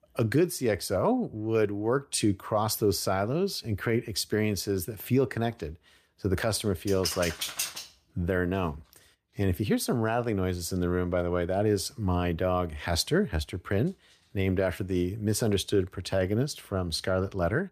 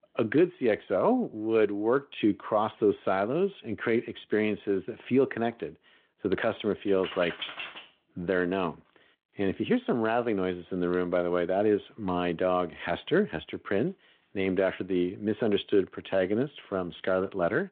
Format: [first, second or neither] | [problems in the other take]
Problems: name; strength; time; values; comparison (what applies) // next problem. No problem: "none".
first | phone-call audio